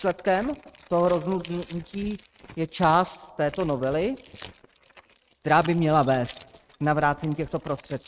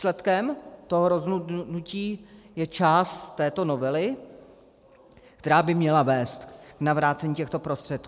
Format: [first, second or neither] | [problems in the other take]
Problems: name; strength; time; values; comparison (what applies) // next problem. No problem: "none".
second | noise reduction (neural mask model RNNoise)